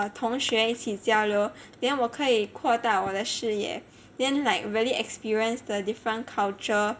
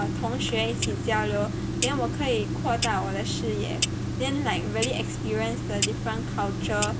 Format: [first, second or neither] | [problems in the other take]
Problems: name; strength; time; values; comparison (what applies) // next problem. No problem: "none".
first | background sound (Clock); 1 dB above the speech